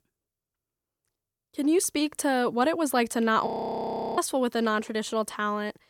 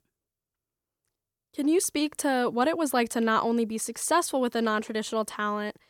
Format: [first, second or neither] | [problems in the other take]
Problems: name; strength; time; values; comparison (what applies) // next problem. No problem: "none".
second | audio freezing; at 3.5 s for 0.5 s